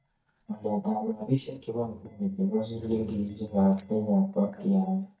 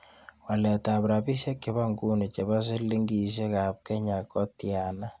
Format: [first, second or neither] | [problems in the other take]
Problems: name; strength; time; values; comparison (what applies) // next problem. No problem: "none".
second | noise reduction (neural mask model DeepFilterNet 3)